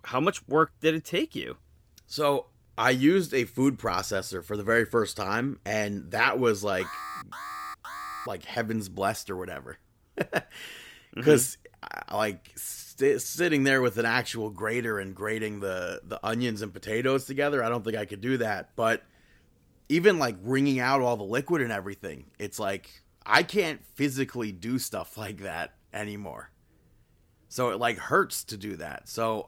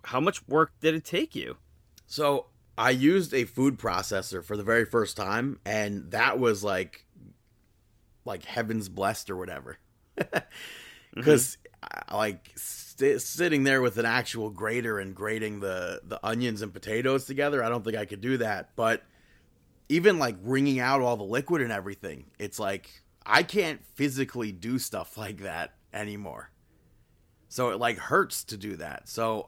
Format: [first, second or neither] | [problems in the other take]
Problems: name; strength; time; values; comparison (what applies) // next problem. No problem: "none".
second | alarm; noticeable; from 7 to 8.5 s; peak 9 dB below the speech